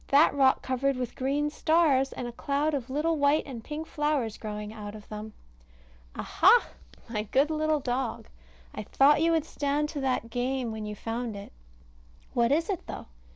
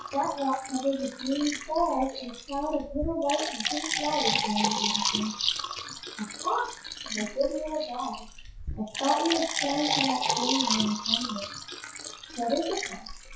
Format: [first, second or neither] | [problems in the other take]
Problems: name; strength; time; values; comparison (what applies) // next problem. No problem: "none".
first | noise reduction (classical method WPE with log-MMSE)